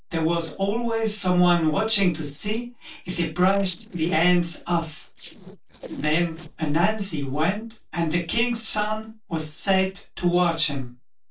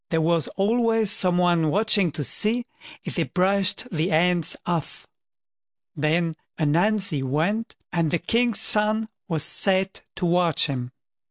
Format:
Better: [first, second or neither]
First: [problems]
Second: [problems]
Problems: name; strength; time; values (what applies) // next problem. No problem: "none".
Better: second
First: noise reduction (neural separator model SepFormer DNS4)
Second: none